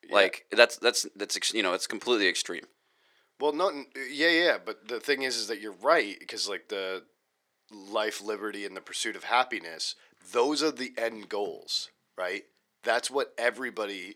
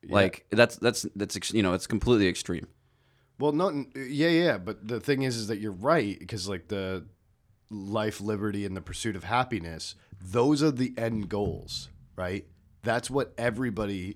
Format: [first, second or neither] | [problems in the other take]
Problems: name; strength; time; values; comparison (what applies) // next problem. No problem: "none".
second | thin; somewhat; fading below 400 Hz